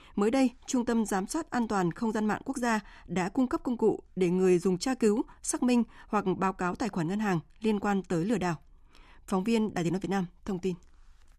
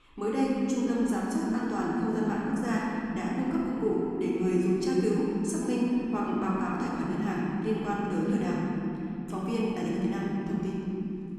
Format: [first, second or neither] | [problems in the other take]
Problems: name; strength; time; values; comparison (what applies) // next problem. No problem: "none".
first | room echo; strong; dies away in 3 s // off-mic speech; far